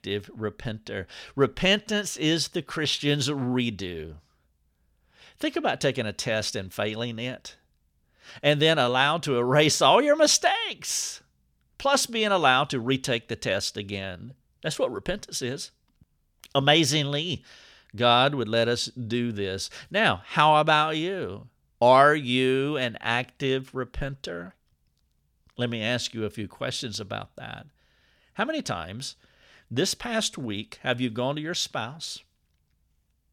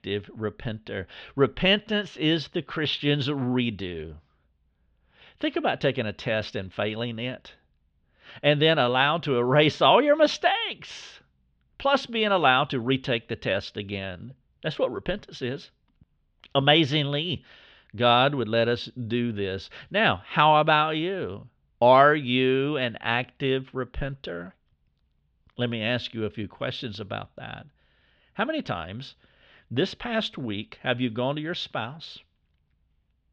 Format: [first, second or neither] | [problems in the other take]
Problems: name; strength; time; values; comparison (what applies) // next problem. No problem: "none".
first | muffled; slightly; fading above 3.5 kHz